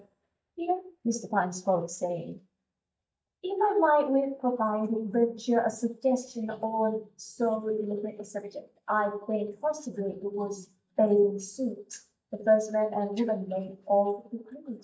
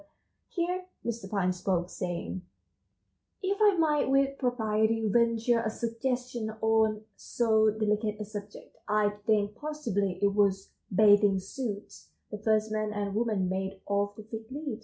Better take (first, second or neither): second